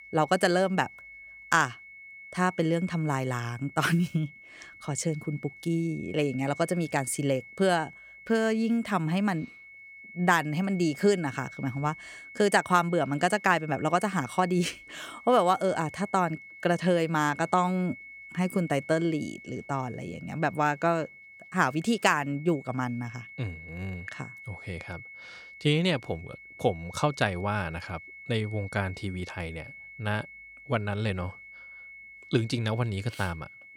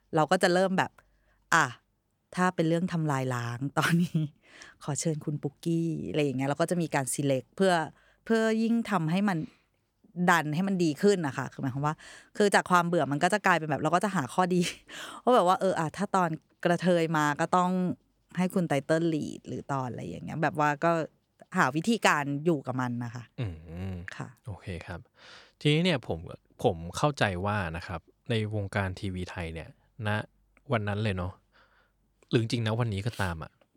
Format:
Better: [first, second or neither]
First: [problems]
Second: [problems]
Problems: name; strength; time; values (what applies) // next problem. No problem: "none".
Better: second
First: high-pitched whine; noticeable; throughout; 2 kHz, 15 dB below the speech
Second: none